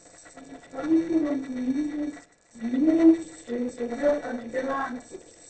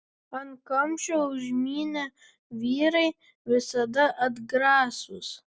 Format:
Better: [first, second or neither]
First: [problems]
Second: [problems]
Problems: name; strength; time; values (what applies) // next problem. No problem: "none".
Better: second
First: noise reduction (neural separator model SepFormer DNS4)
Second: none